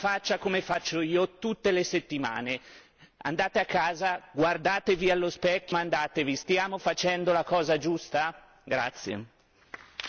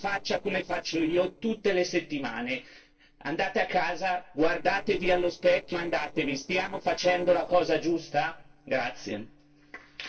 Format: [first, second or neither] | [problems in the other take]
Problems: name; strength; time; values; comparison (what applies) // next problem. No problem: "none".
first | noise reduction (neural separator model SepFormer DNS4)